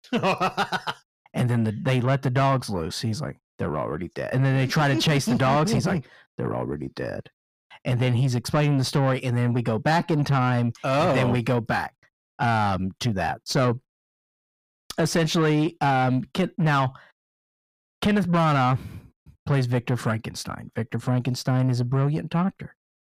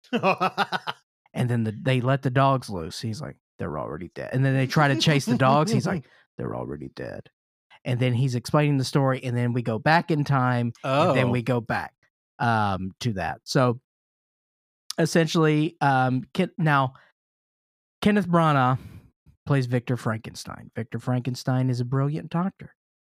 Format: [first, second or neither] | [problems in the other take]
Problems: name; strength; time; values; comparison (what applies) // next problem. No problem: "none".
second | distortion; slight; 10 dB below the speech